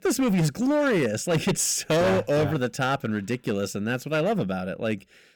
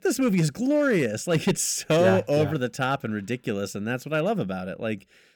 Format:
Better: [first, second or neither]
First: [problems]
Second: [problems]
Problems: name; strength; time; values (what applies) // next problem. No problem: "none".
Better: second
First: distortion; slight; 13% of the sound clipped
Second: none